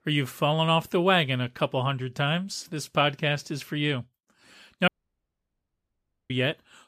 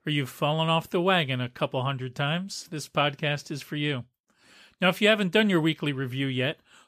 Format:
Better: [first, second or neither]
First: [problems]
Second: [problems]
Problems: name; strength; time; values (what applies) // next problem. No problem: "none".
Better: second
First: audio cutting out; at 5 s for 1.5 s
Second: none